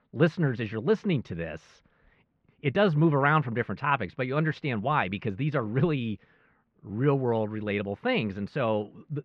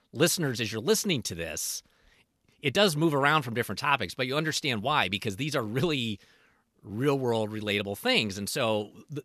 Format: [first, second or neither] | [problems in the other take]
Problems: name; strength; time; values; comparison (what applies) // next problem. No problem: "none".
second | muffled; very; fading above 2 kHz